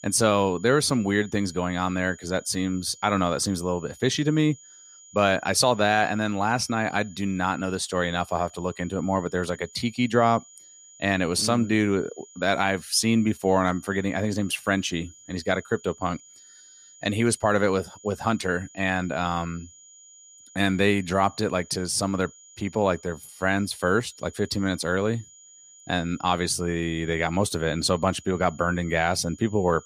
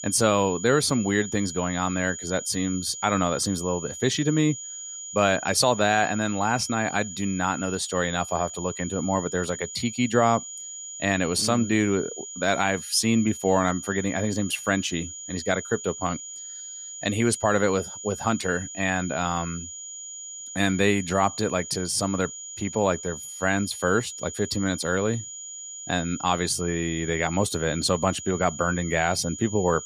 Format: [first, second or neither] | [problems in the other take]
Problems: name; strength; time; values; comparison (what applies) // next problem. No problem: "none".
first | high-pitched whine; loud; throughout; 7 kHz, 10 dB below the speech; faint in the first